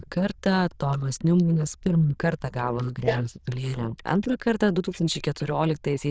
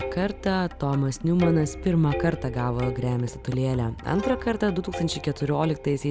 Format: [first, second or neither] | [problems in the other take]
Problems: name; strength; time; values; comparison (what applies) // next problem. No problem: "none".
second | noise reduction (neural diffusion model UNIVERSE++)